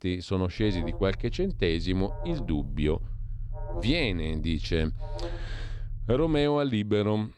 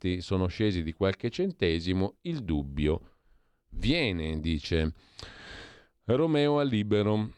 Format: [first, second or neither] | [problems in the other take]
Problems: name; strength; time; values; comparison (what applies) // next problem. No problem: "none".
second | alarm; noticeable; from 0.5 to 6.5 s; peak 9 dB below the speech